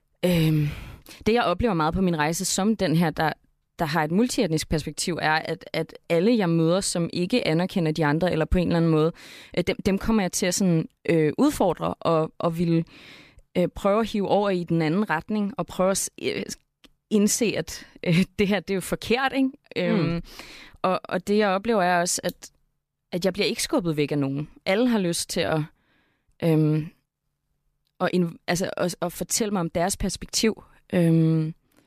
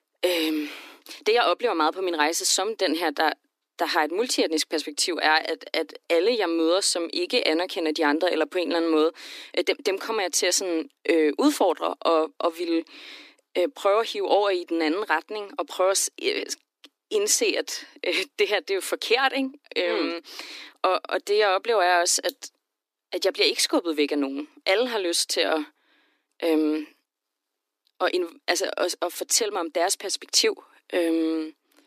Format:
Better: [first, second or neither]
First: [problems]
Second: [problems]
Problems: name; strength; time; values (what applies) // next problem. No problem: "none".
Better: first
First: none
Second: thin; somewhat; fading below 300 Hz